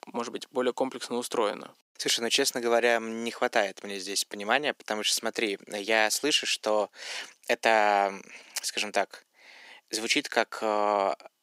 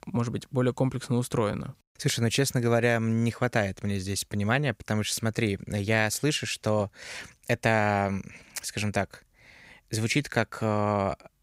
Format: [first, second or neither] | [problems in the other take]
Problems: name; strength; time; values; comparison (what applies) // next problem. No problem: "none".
second | thin; somewhat; fading below 300 Hz